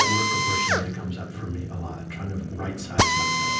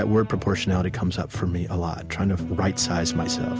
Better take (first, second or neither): second